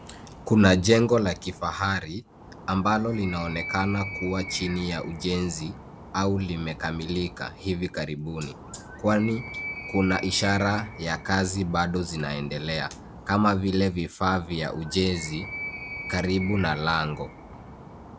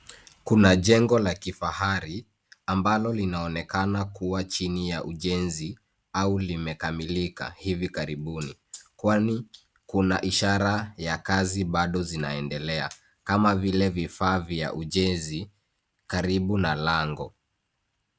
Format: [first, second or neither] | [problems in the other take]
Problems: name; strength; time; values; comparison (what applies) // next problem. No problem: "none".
second | background sound (Animal); 14 dB below the speech